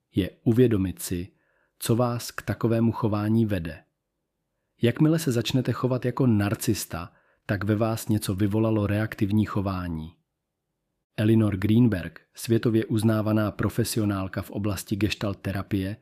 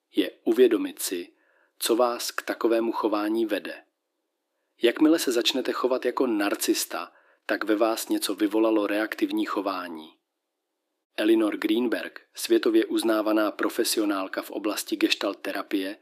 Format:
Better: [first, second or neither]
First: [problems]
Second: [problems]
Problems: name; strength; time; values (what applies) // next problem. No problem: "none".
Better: first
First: none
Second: thin; somewhat; fading below 300 Hz